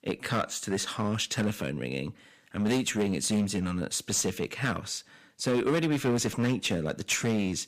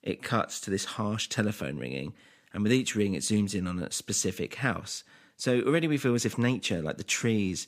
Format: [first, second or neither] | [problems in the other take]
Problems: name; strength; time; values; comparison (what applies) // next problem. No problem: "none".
second | distortion; slight; 7% of the sound clipped